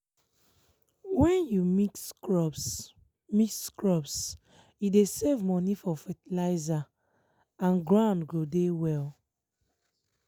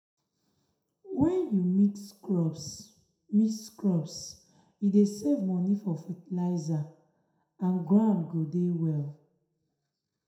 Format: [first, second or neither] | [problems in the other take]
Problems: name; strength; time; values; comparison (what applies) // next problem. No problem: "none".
first | room echo; dies away in 0.6 s